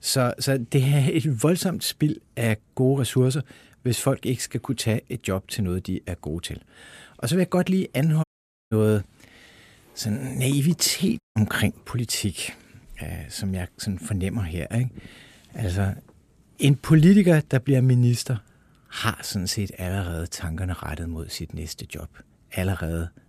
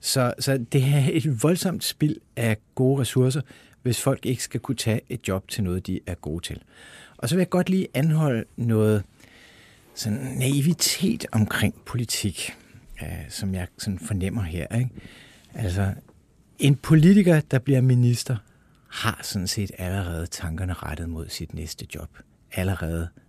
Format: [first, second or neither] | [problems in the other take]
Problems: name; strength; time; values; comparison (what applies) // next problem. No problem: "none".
second | audio cutting out; at 8 s and at 11 s